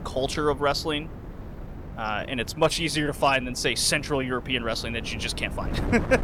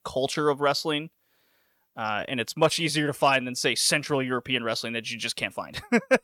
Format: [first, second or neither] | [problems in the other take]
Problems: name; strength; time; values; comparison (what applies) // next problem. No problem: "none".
second | wind noise on the microphone; occasional gusts; 15 dB below the speech